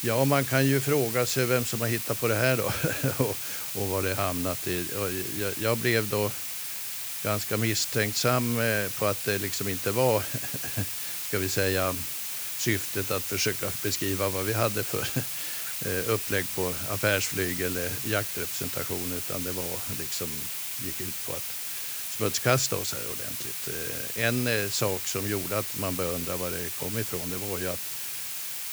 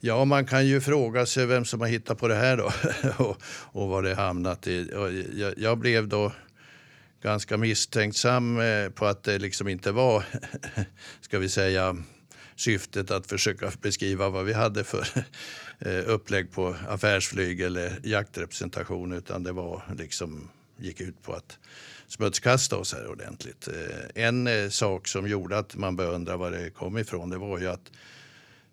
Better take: second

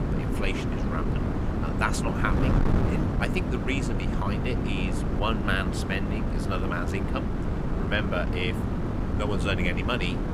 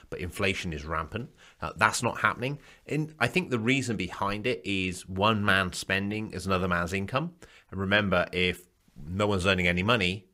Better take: second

